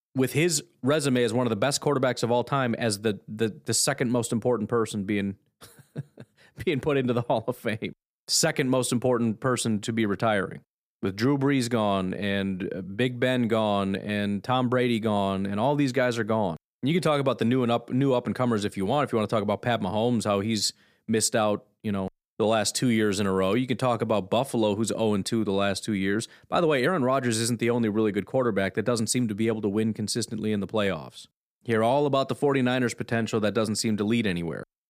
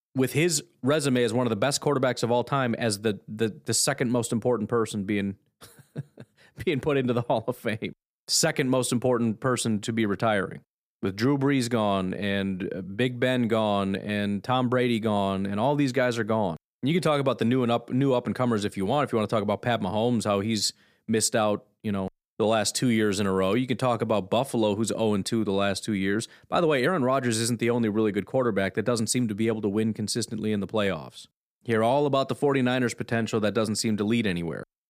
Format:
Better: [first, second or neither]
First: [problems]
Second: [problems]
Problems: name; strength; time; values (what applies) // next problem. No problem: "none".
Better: neither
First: none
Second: none